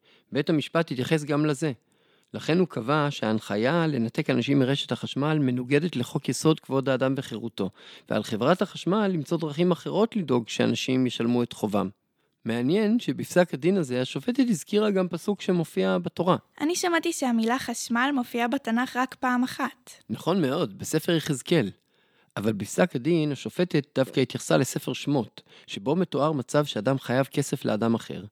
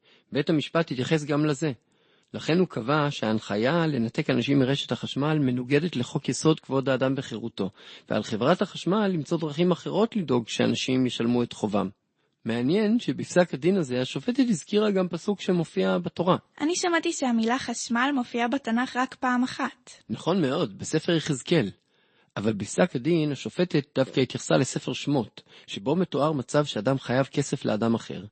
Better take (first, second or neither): first